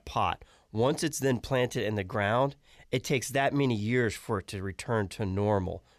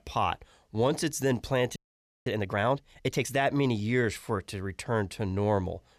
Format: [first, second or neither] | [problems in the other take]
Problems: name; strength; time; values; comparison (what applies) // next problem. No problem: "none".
first | audio freezing; at 2 s